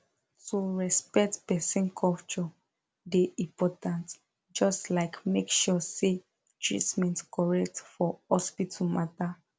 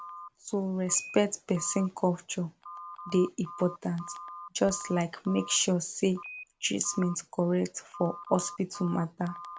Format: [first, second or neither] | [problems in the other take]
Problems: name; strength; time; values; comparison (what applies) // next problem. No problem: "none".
first | background sound (Telephone); 15 dB below the speech